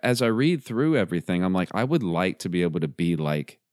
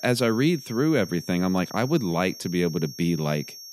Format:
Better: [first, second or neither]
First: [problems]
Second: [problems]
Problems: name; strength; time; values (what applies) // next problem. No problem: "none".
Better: first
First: none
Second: high-pitched whine; noticeable; throughout; 5.5 kHz, 15 dB below the speech